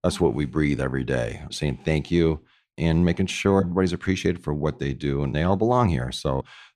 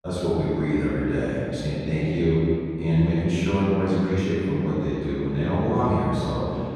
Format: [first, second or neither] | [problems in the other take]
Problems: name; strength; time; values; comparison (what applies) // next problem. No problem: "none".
first | off-mic speech; far // room echo; strong; dies away in 3 s